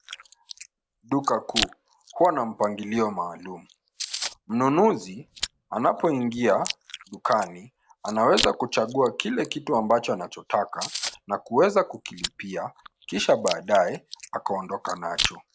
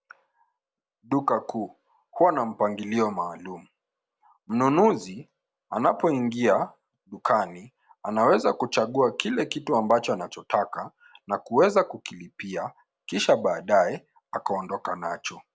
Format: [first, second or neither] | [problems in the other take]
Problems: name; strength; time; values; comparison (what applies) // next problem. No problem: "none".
second | background sound (Chewing, mastication); 11 dB below the speech